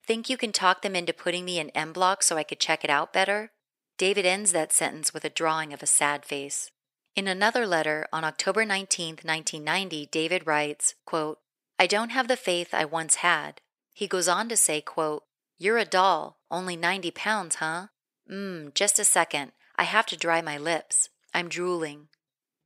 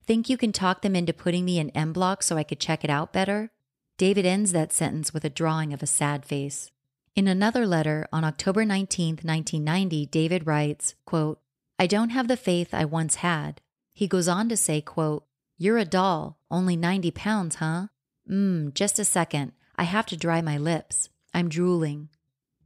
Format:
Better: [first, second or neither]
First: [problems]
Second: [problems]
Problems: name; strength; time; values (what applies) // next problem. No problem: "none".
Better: second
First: thin; very; fading below 500 Hz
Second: none